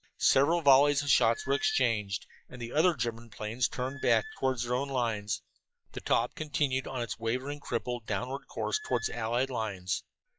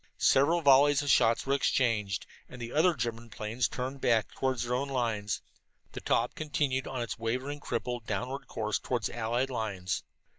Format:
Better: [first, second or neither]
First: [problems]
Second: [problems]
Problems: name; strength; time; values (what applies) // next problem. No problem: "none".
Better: second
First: noise reduction (classical method log-MMSE)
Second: none